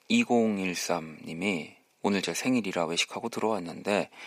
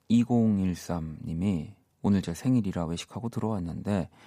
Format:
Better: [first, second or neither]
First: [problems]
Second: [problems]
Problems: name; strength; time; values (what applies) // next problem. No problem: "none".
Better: second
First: thin; somewhat; fading below 400 Hz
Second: none